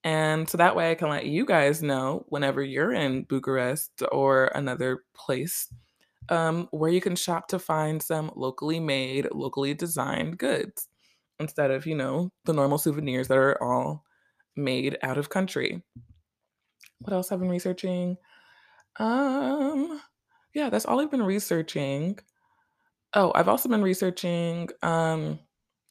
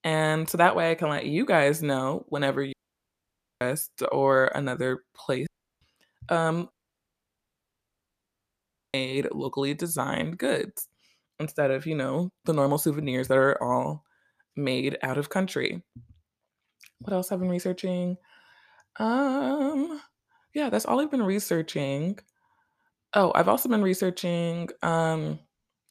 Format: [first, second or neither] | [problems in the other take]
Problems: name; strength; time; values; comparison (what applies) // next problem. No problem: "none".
first | audio cutting out; at 2.5 s for 1 s, at 5.5 s and at 6.5 s for 2 s